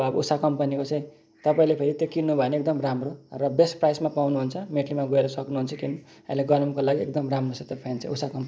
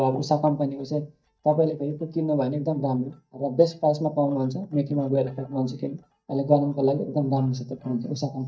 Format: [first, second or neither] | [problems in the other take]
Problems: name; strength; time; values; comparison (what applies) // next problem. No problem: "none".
first | noise reduction (neural mask model DeepFilterNet 3)